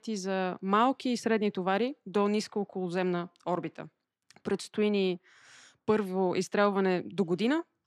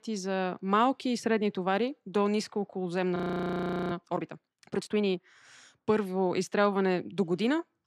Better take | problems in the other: first | audio freezing; at 3 s for 1 s

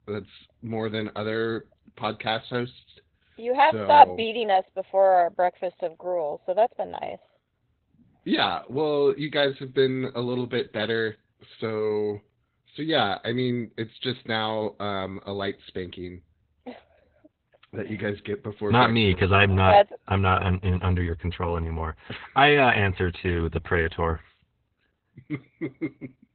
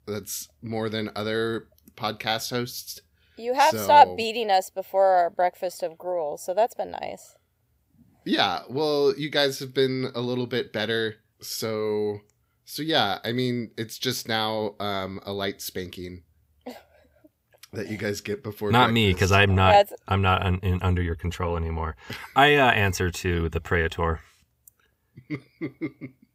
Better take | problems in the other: second | garbled, watery; badly; nothing above 4 kHz

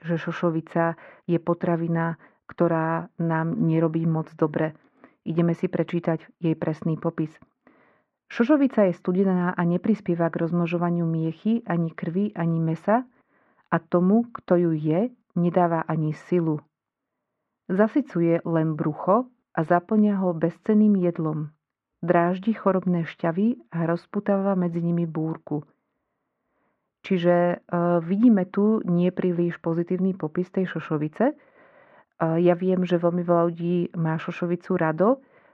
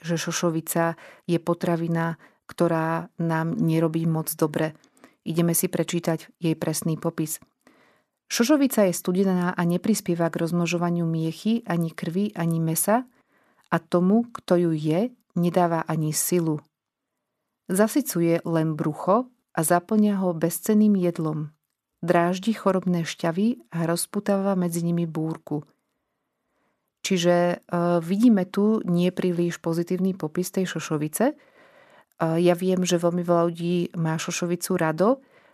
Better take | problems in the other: second | muffled; very; fading above 2 kHz

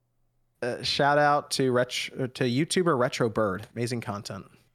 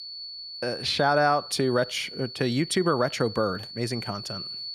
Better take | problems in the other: first | high-pitched whine; noticeable; throughout; 4.5 kHz, 10 dB below the speech

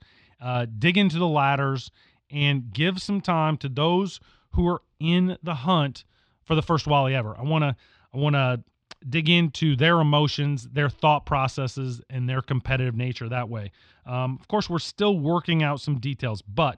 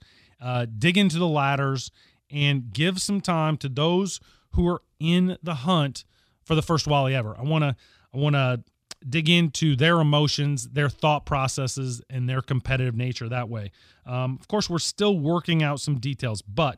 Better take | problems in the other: second | muffled; slightly; fading above 3 kHz

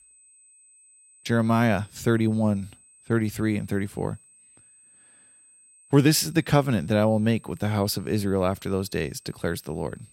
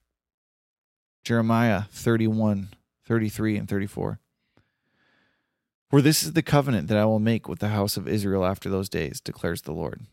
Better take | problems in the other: second | high-pitched whine; faint; throughout; 8.5 kHz, 30 dB below the speech

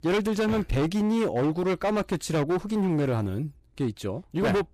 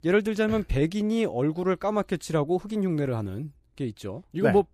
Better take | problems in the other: second | distortion; heavy; 20% of the sound clipped

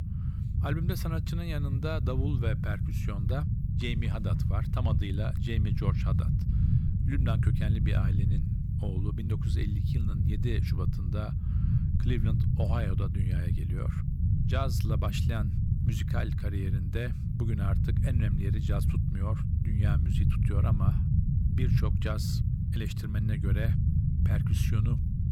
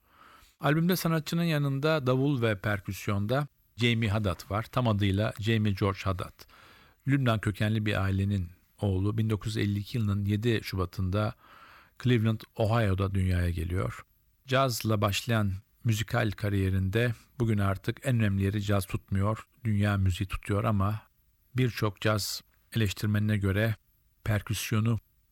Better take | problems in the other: second | low rumble; loud; throughout; 2 dB below the speech

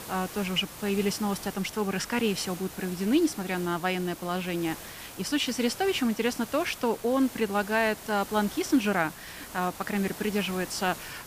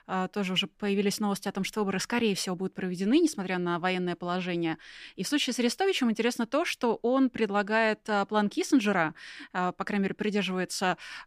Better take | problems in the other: second | hiss; noticeable; throughout; 15 dB below the speech

